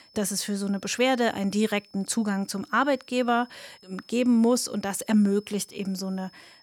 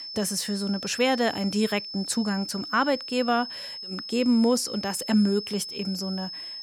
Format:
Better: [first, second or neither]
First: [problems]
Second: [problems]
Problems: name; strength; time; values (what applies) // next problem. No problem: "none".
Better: first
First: high-pitched whine; faint; throughout; 5.5 kHz, 30 dB below the speech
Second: high-pitched whine; loud; throughout; 5.5 kHz, 9 dB below the speech